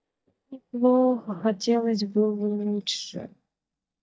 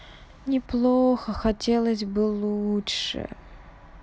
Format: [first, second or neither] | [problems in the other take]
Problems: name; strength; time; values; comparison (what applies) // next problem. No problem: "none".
second | noise reduction (neural mask model DeepFilterNet 3)